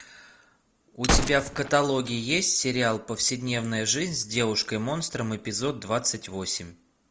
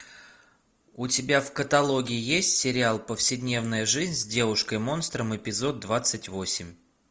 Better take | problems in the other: second | background sound (Gunshot, gunfire); 4 dB below the speech

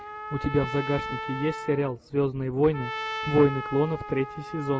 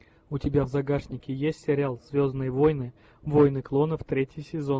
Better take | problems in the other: second | background sound (Trumpet); 9 dB below the speech

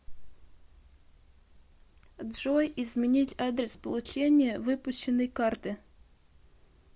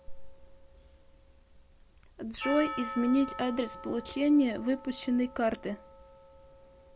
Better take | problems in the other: first | background sound (Percussion); 13 dB below the speech

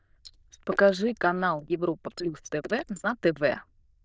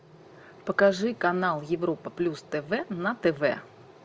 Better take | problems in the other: second | noise reduction (neural diffusion model UNIVERSE++)

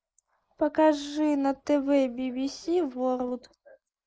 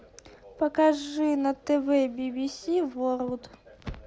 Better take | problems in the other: second | noise reduction (neural mask model Resemble Enhance denoiser)

